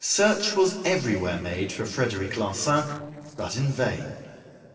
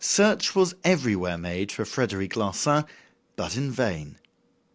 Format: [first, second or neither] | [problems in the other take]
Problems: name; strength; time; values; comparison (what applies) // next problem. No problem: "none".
second | noise reduction (neural separator model SepFormer DNS4)